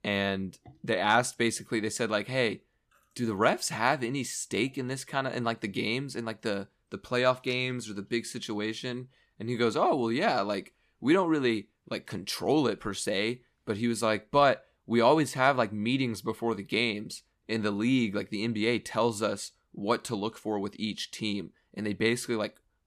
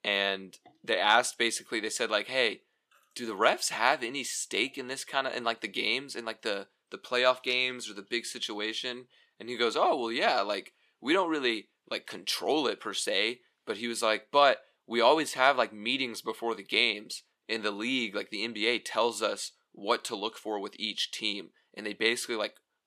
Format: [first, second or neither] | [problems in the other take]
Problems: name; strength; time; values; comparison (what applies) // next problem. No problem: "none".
first | thin; somewhat; fading below 400 Hz